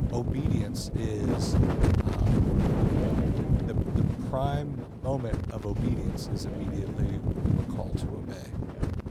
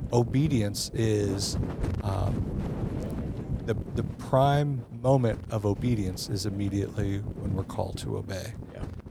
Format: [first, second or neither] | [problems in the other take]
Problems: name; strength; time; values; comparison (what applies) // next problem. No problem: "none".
second | wind noise on the microphone; heavy; 3 dB above the speech; occasional gusts in the second